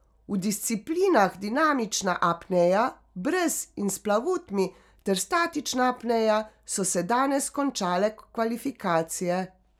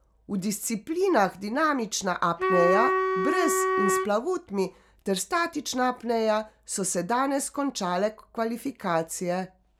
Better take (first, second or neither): first